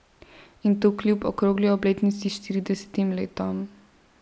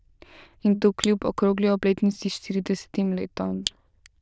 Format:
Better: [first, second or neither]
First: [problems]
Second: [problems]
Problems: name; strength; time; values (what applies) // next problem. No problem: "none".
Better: first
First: none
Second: noise reduction (neural diffusion model UNIVERSE++)